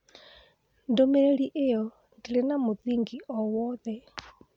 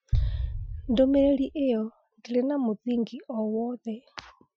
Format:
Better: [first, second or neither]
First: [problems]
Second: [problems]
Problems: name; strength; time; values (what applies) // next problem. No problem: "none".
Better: first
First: none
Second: noise reduction (classical method Wiener filter)